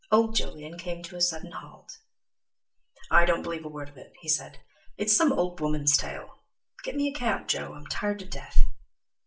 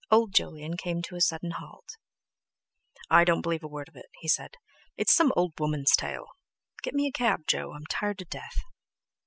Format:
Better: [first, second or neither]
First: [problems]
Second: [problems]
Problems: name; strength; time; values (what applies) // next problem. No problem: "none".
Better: second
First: room echo; dies away in 0.3 s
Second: none